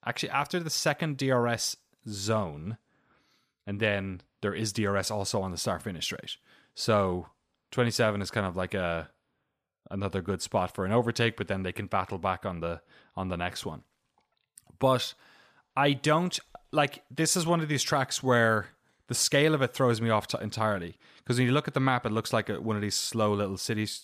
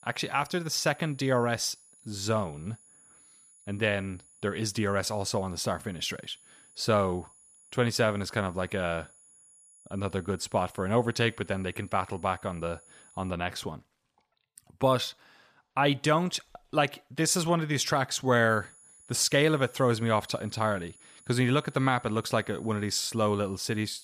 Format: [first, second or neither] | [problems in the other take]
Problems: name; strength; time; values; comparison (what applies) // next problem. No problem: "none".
first | high-pitched whine; faint; until 13 s and from 19 s on; 10.5 kHz, 25 dB below the speech